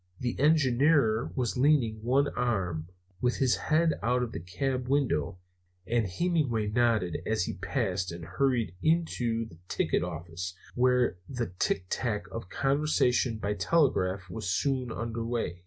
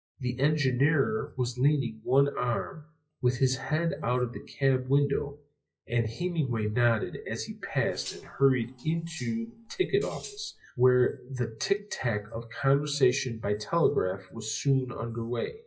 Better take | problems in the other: first | noise reduction (classical method WPE with log-MMSE)

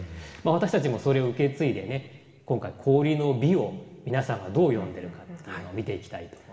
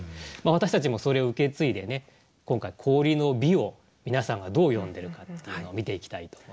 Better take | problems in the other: second | room echo; dies away in 1.5 s

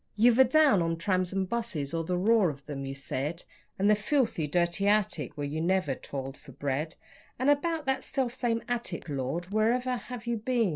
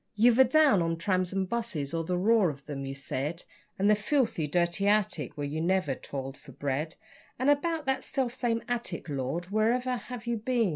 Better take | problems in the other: second | noise reduction (neural separator model SepFormer DNS4)

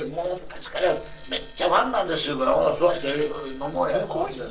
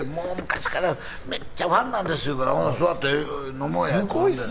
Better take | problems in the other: second | noise reduction (neural separator model SepFormer DNS4)

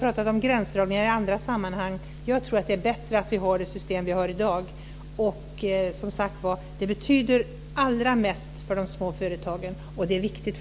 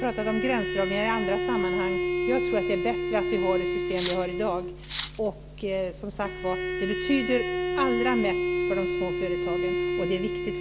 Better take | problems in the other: first | background sound (Bowed string instrument + Cutlery, silverware); 1 dB above the speech

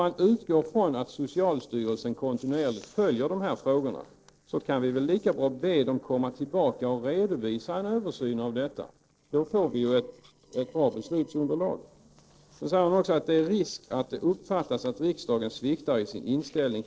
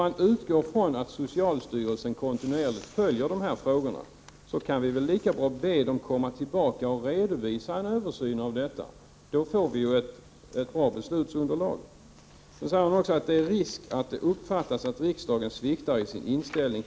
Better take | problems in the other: second | noise reduction (neural separator model SepFormer DNS4)

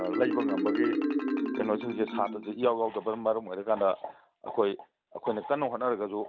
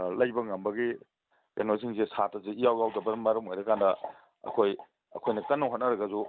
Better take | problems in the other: second | background sound (Marimba, xylophone); 4 dB below the speech

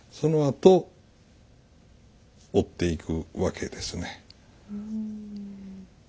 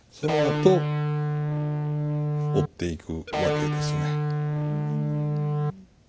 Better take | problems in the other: first | background sound (Electric guitar); 5 dB above the speech

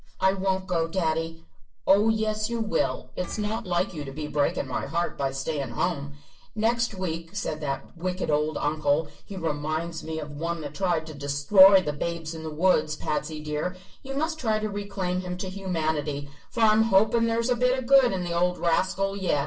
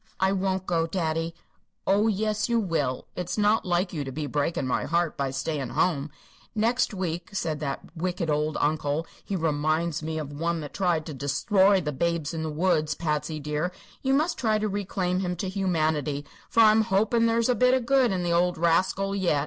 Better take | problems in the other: second | noise reduction (neural separator model SepFormer DNS4)

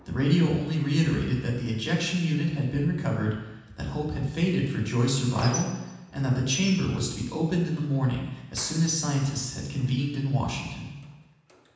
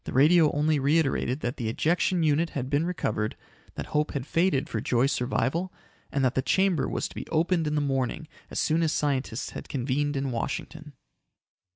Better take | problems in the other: second | background sound (Squeak); 17 dB below the speech // room echo; dies away in 1.1 s

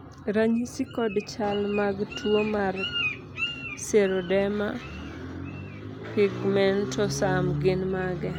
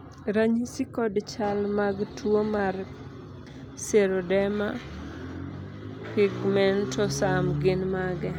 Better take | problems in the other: second | background sound (Bird); 13 dB below the speech

